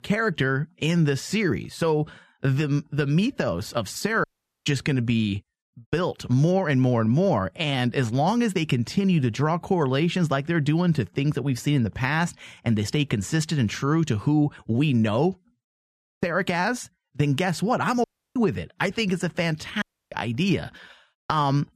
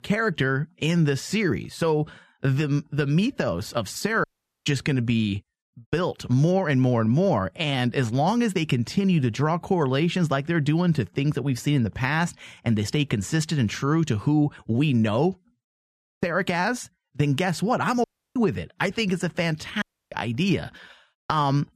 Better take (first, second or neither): neither